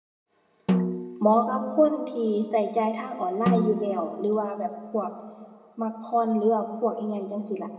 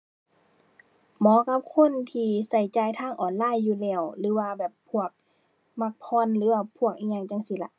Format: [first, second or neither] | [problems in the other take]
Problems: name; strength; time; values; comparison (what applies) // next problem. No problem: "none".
second | background sound (Snare drum); 4 dB below the speech // room echo; dies away in 1.3 s